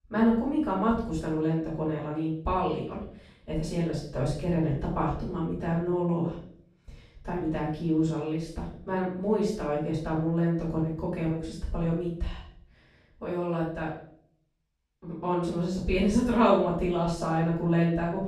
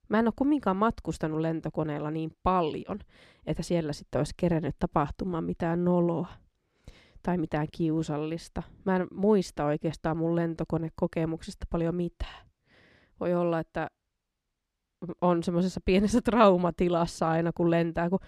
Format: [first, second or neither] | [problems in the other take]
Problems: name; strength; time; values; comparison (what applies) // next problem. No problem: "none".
second | off-mic speech; far // room echo; noticeable; dies away in 0.5 s